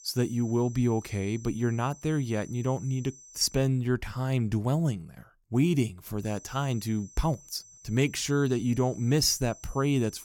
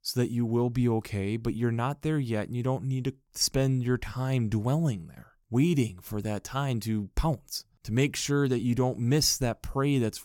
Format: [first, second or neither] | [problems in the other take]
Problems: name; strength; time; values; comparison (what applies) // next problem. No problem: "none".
second | high-pitched whine; faint; until 3.5 s and from 6 s on; 6 kHz, 20 dB below the speech